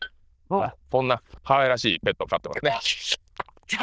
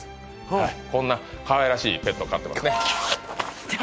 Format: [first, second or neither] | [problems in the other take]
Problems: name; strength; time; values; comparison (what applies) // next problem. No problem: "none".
second | noise reduction (neural diffusion model UNIVERSE++)